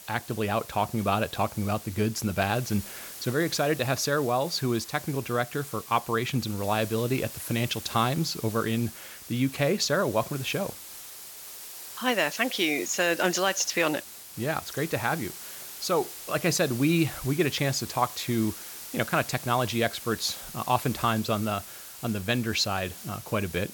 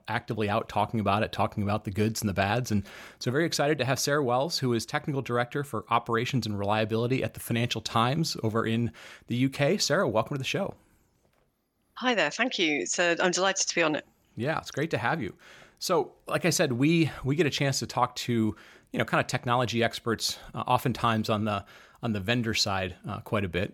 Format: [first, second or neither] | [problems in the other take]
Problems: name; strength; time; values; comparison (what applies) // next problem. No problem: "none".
second | hiss; noticeable; throughout; 10 dB below the speech